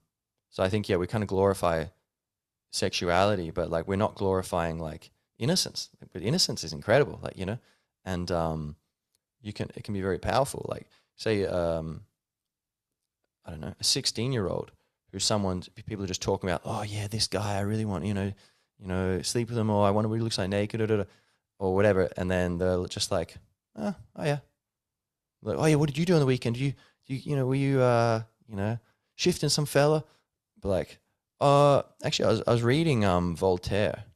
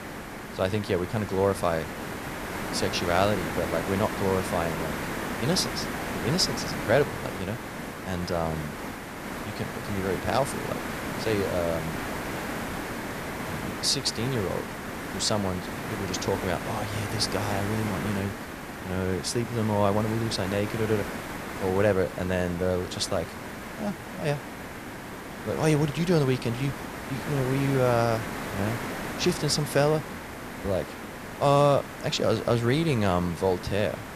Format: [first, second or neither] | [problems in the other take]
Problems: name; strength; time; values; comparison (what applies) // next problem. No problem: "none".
first | hiss; loud; throughout; 7 dB below the speech